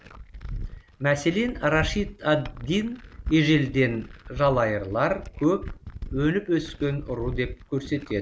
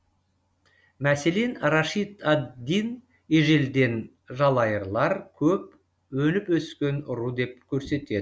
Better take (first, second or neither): second